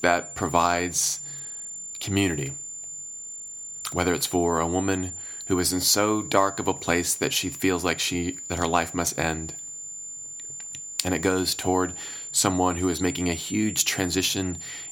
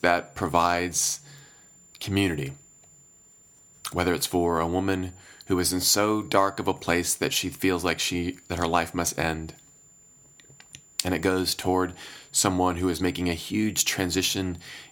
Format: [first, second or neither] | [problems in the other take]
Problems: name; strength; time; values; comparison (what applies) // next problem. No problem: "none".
second | high-pitched whine; loud; throughout; 7 kHz, 10 dB below the speech; faint in the second